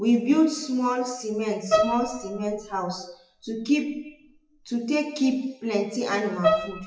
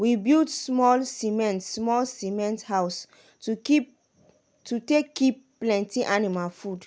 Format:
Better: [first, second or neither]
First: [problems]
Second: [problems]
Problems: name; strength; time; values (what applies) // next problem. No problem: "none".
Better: second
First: noise reduction (classical method WPE with log-MMSE)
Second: none